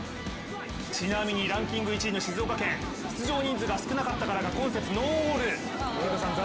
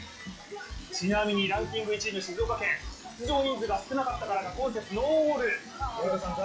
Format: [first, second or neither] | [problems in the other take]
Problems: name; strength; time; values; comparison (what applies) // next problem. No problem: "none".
first | noise reduction (classical method log-MMSE)